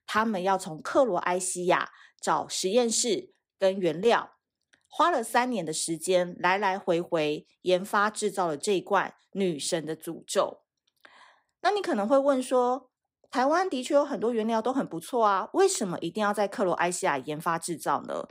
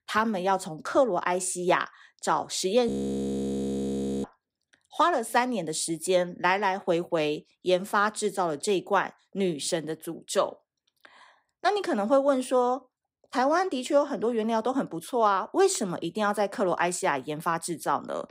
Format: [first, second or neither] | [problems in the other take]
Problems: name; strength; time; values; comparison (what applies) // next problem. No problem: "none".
first | audio freezing; at 3 s for 1.5 s